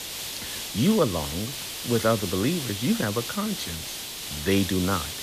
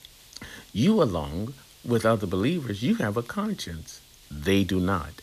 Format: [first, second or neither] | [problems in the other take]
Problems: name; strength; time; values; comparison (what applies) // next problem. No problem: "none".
second | hiss; loud; throughout; 5 dB below the speech; faint in the second